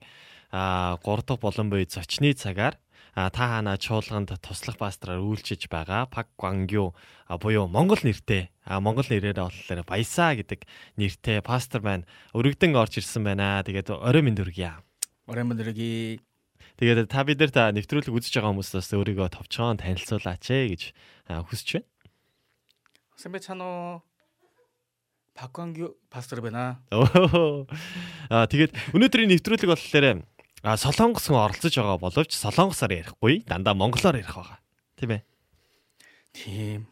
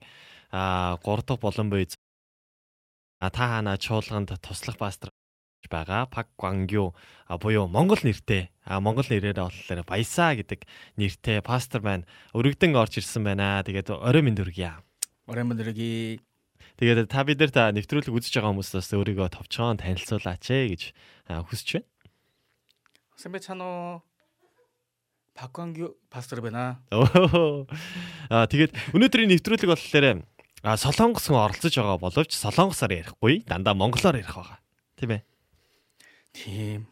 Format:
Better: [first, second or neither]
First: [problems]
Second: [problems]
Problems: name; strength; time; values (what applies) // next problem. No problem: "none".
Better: first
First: none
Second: audio cutting out; at 2 s for 1.5 s and at 5 s for 0.5 s